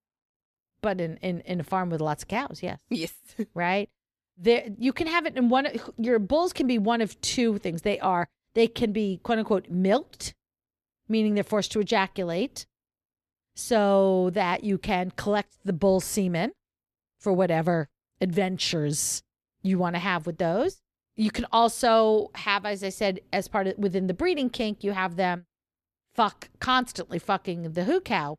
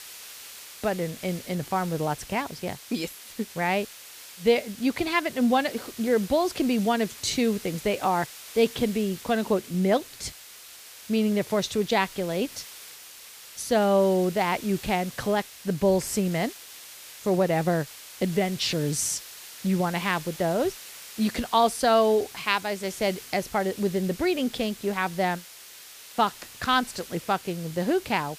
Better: first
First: none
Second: hiss; noticeable; throughout; 15 dB below the speech

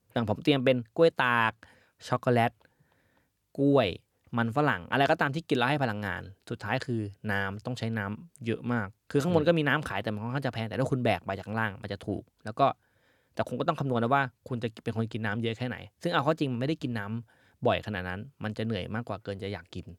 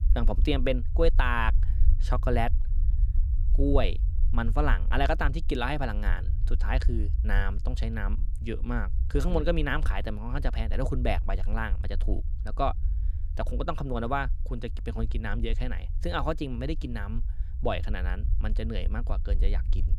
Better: first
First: none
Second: low rumble; noticeable; throughout; 20 dB below the speech

